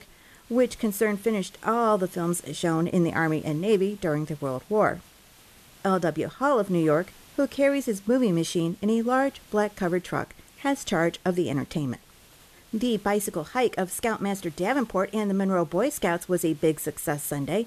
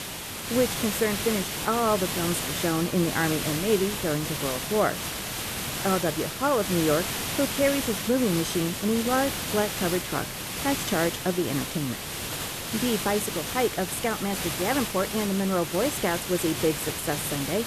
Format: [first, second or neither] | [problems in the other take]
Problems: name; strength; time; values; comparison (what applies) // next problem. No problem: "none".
first | hiss; loud; throughout; 3 dB below the speech; faint in the first